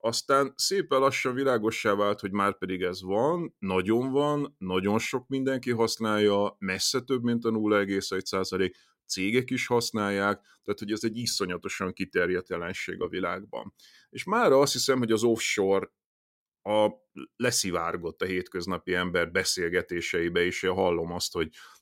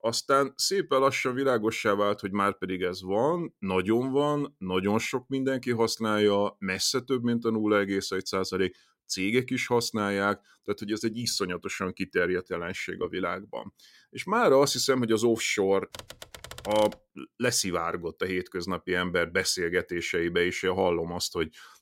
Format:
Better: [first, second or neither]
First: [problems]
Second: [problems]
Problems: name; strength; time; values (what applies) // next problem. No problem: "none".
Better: first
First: none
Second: keyboard typing; faint; from 16 to 17 s; peak 15 dB below the speech